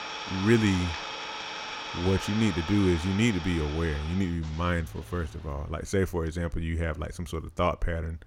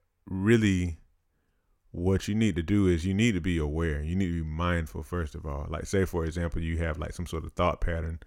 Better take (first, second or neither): second